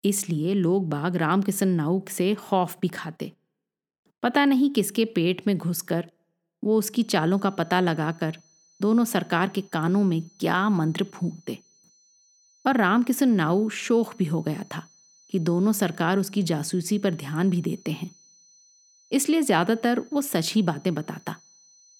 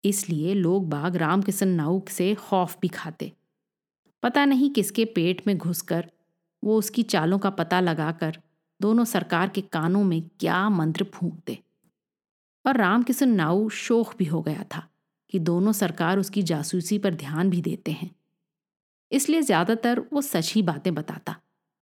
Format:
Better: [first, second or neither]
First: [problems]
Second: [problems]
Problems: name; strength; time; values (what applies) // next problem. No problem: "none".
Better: second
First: high-pitched whine; faint; from 7 s on; 6 kHz, 30 dB below the speech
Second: none